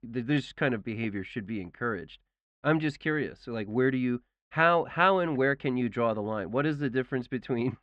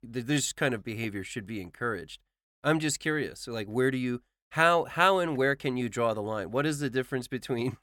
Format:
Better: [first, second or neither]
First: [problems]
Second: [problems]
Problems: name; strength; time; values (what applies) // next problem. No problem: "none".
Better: second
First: muffled; very; fading above 3 kHz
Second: none